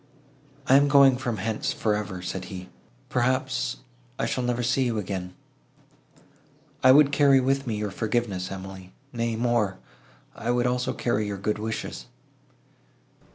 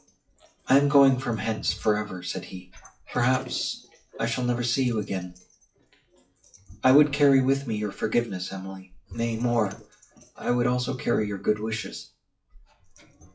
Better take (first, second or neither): first